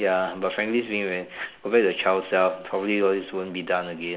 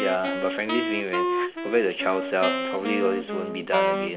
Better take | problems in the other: first | background sound (Wind instrument, woodwind instrument); 1 dB below the speech

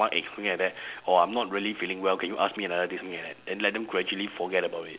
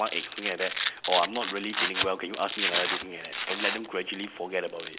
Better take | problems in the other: first | background sound (Domestic sounds, home sounds); 1 dB below the speech

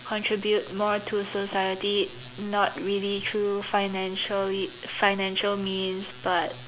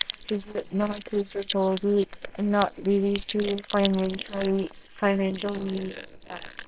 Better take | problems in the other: first | noise reduction (neural separator model SepFormer WHAMR!)

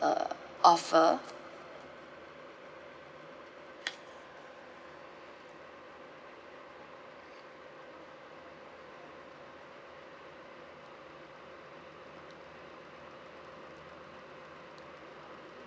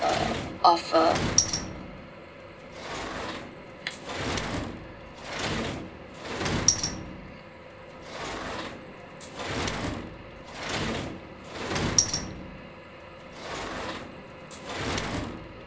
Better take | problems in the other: first | background sound (Sliding door); 2 dB above the speech // room echo; dies away in 0.2 s

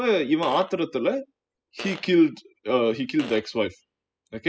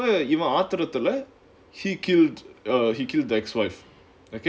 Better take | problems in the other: second | noise reduction (classical method spectral subtraction)

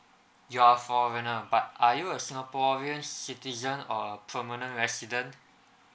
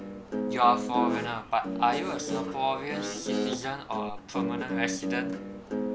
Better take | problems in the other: first | background sound (Guitar); 1 dB below the speech

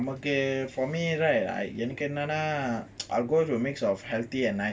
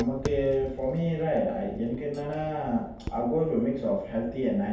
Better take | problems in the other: first | background sound (Tap); 13 dB below the speech // room echo; dies away in 0.8 s

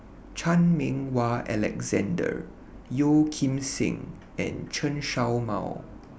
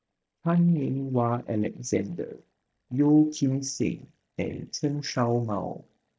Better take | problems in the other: first | noise reduction (neural mask model DeepFilterNet 3)

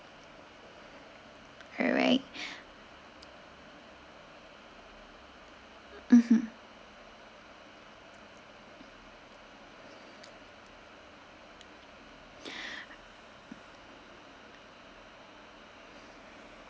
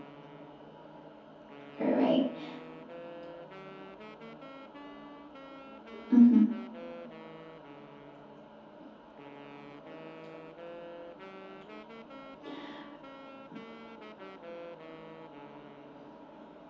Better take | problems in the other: first | background sound (Wind instrument, woodwind instrument); 15 dB below the speech // room echo; dies away in 0.6 s

